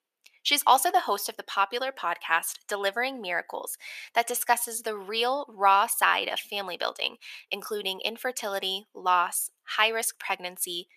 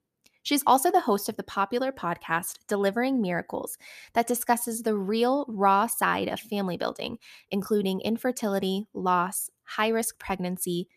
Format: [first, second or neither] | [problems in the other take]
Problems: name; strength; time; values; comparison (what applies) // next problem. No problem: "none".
second | thin; very; fading below 650 Hz